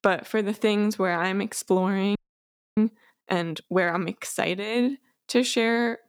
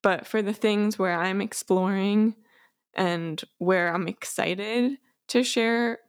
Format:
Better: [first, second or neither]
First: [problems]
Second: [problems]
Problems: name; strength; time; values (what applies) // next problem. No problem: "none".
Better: second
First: audio freezing; at 2 s for 0.5 s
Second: none